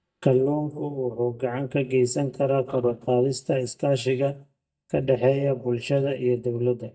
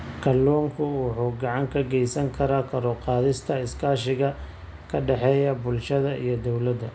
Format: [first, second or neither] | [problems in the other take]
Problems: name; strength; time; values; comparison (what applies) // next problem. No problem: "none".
second | noise reduction (neural mask model DeepFilterNet 3)